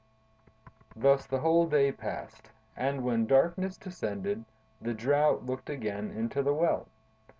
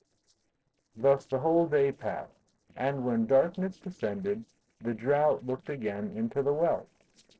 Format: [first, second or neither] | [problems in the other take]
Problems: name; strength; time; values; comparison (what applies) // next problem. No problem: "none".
first | noise reduction (neural separator model SepFormer DNS4)